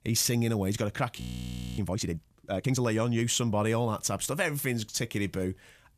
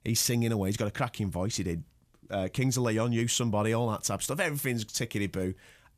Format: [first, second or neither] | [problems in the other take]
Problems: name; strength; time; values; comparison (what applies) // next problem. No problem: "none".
second | audio freezing; at 1 s for 0.5 s